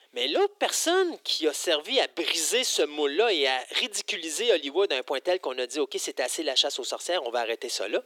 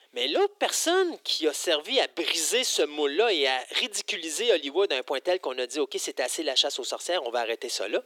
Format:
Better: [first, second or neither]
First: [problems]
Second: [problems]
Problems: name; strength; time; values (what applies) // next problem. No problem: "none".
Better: neither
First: thin; very; fading below 350 Hz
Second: thin; very; fading below 350 Hz